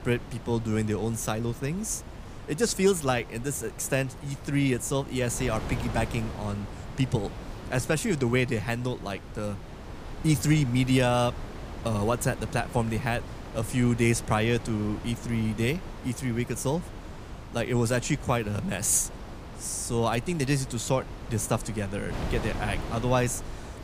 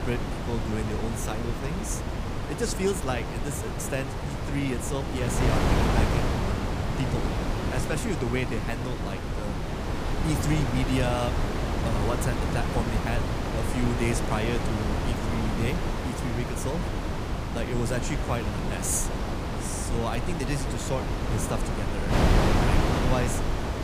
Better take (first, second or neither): first